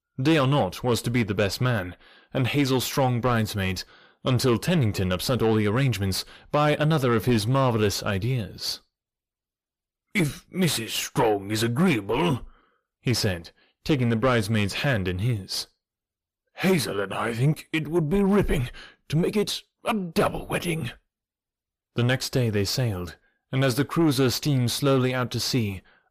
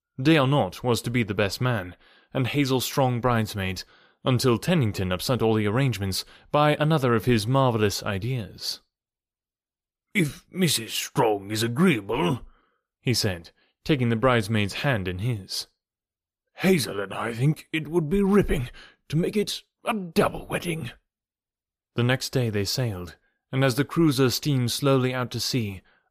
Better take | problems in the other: second | distortion; slight; 10 dB below the speech

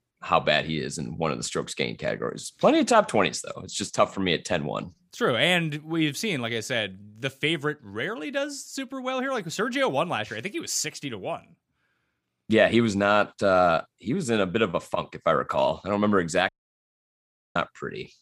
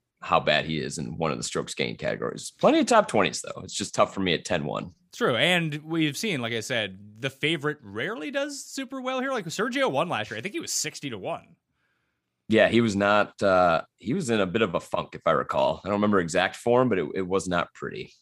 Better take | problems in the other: second | audio cutting out; at 16 s for 1 s

